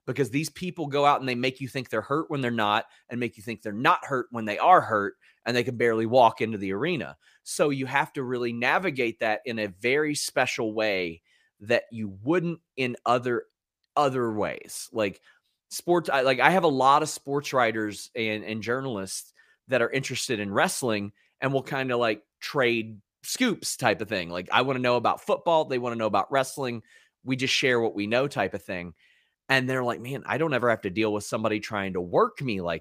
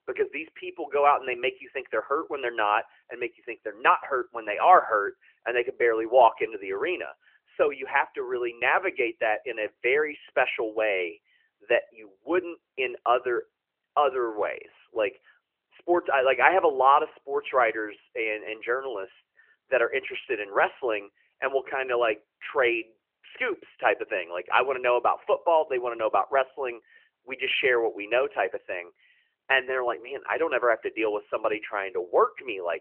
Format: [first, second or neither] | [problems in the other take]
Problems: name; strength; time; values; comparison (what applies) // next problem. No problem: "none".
first | phone-call audio; nothing above 3 kHz